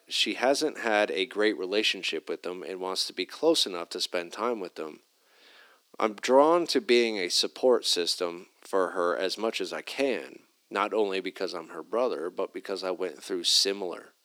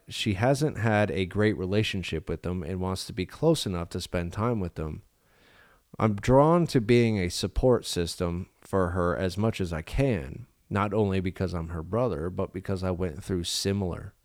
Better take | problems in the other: second | thin; somewhat; fading below 300 Hz

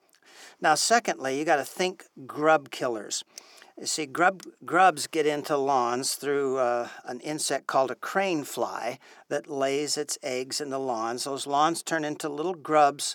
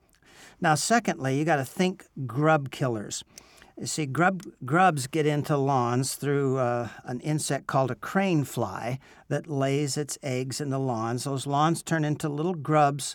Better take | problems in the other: second | thin; somewhat; fading below 400 Hz

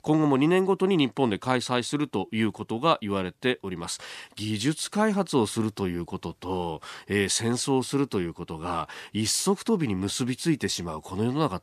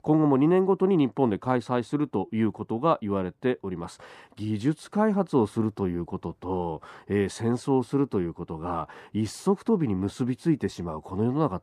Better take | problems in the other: first | muffled; slightly; fading above 2 kHz

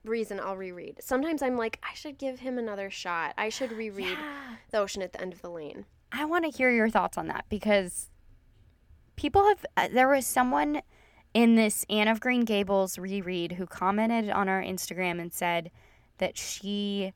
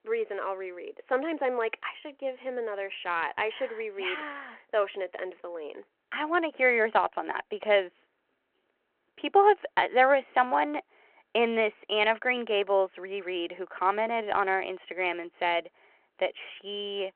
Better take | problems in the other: first | phone-call audio

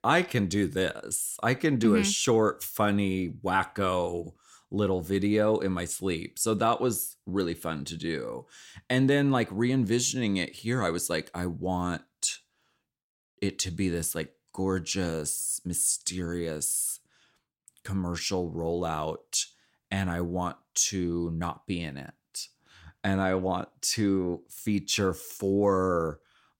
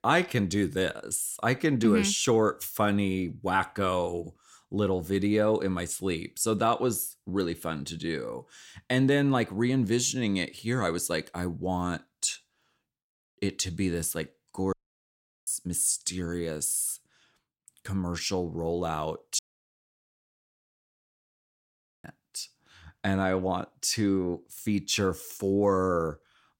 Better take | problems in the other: first | audio cutting out; at 15 s for 0.5 s and at 19 s for 2.5 s

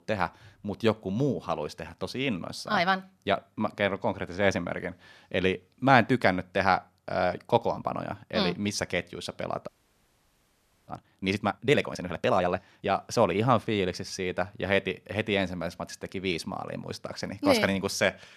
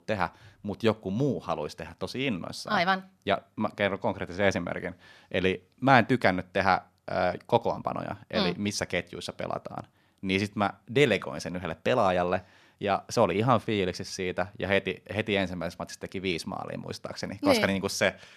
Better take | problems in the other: second | audio freezing; at 9.5 s for 1 s

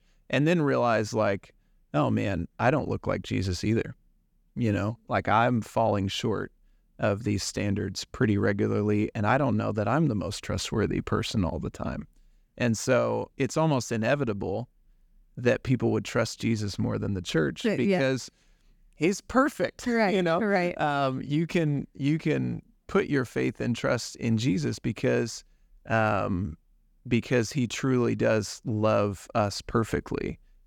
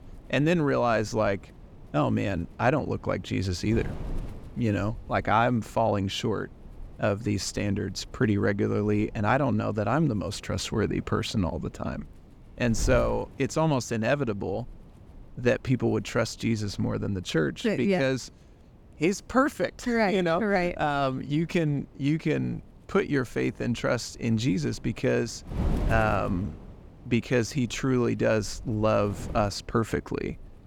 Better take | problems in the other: first | wind noise on the microphone; occasional gusts; 20 dB below the speech

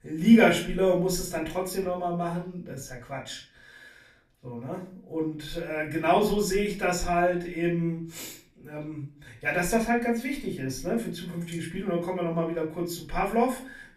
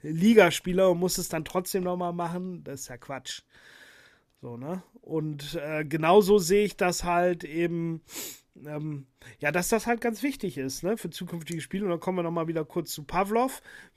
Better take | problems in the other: second | off-mic speech; far // room echo; slight; dies away in 0.4 s

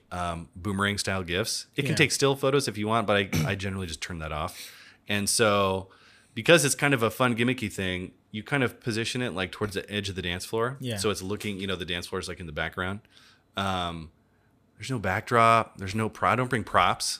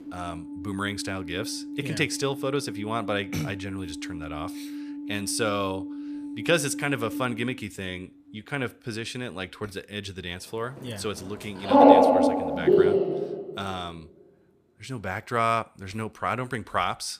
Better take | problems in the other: first | alarms or sirens; very loud; until 13 s; 5 dB above the speech

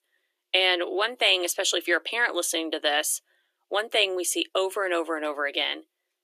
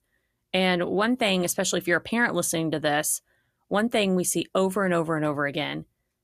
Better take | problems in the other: second | thin; very; fading below 350 Hz

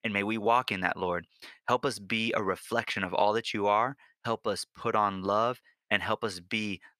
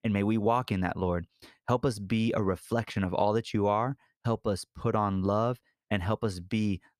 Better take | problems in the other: second | thin; somewhat; fading below 1 kHz

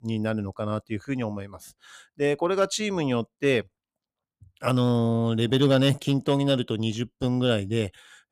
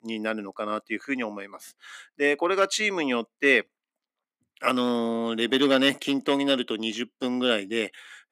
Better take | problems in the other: first | thin; very slightly; fading below 250 Hz

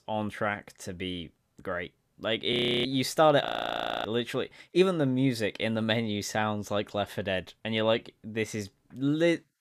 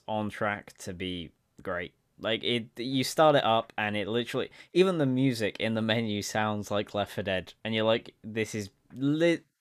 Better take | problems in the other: second | audio freezing; at 2.5 s and at 3.5 s for 0.5 s

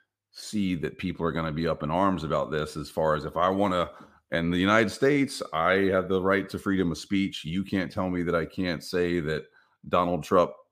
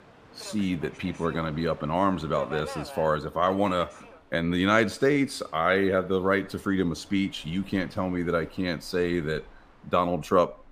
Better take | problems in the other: first | train or aircraft noise; noticeable; throughout; 20 dB below the speech

